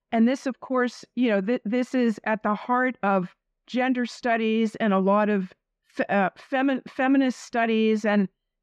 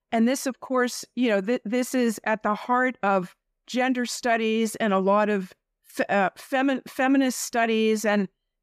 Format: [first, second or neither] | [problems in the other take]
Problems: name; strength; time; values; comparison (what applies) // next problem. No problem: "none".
second | muffled; slightly; fading above 3.5 kHz